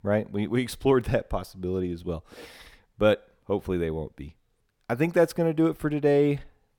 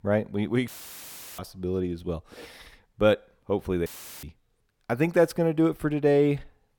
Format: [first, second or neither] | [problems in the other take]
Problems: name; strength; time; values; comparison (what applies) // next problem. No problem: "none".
first | audio cutting out; filled with static; at 0.5 s for 0.5 s and at 4 s